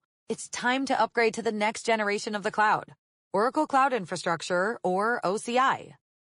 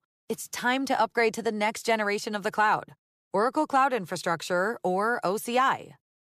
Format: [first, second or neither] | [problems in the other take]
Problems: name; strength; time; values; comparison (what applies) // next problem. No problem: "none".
second | garbled, watery; slightly; nothing above 10.5 kHz